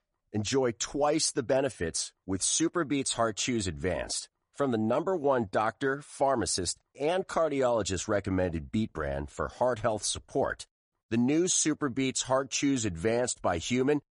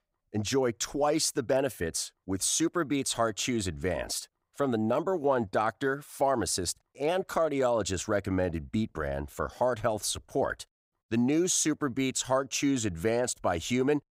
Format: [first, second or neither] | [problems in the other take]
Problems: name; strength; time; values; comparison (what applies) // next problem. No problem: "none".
second | garbled, watery; slightly; nothing above 10 kHz